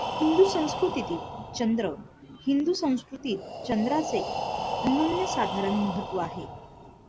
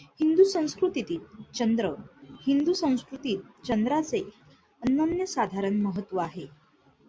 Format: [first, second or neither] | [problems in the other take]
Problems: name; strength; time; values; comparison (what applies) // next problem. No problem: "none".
second | background sound (Breathing); 6 dB below the speech